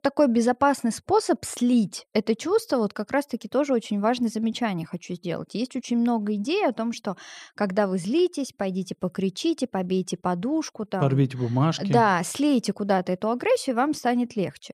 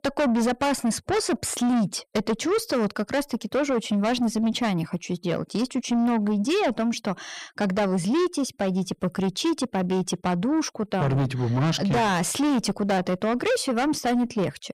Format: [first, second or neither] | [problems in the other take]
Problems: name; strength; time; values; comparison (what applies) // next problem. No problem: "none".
first | distortion; heavy; 7 dB below the speech